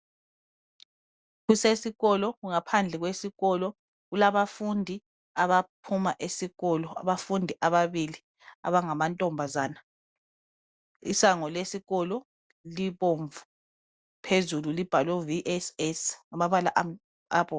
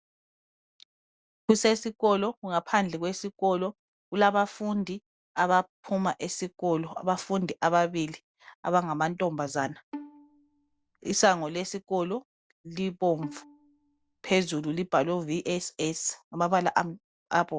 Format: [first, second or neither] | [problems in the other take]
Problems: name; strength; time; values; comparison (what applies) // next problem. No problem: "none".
first | background sound (Bowed string instrument); 19 dB below the speech